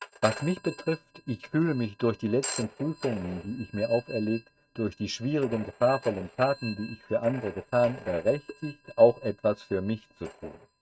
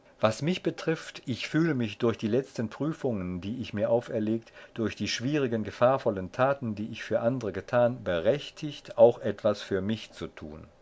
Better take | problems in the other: second | noise reduction (neural mask model RNNoise)

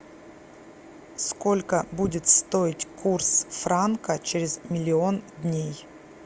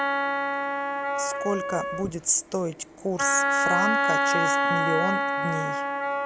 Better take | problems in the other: first | background sound (Wind instrument, woodwind instrument); 4 dB above the speech

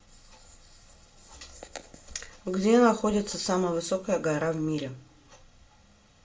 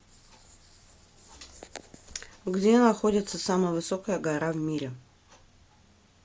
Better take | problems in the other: second | room echo; dies away in 0.3 s

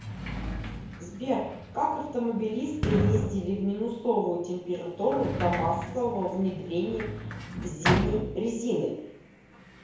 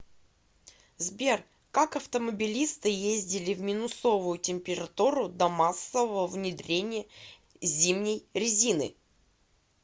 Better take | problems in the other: second | background sound (Sliding door); 4 dB below the speech // room echo; dies away in 0.9 s

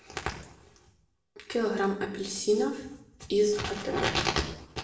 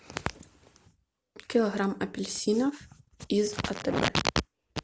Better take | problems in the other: second | room echo; dies away in 0.7 s

